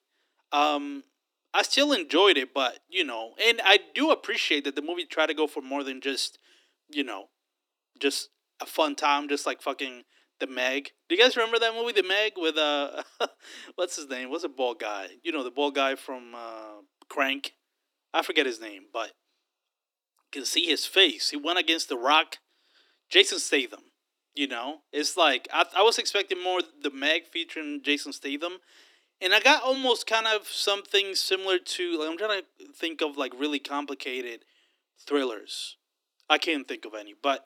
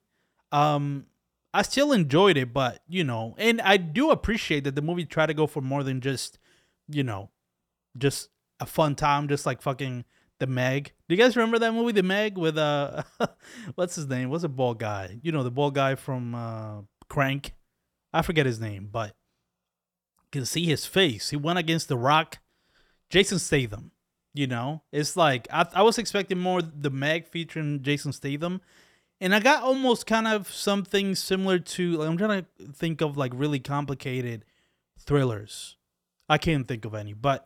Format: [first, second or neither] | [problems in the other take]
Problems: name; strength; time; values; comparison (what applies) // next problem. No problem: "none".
second | thin; somewhat; fading below 300 Hz